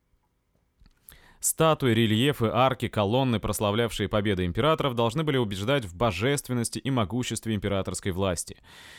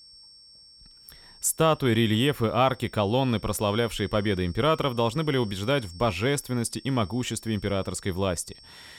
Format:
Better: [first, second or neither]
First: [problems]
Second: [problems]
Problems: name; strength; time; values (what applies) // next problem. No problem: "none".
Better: first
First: none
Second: high-pitched whine; faint; throughout; 5.5 kHz, 20 dB below the speech